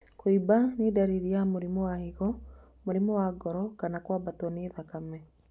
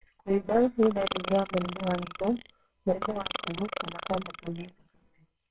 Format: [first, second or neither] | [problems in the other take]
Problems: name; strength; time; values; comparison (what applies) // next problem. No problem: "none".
first | noise reduction (neural separator model SepFormer WHAMR!)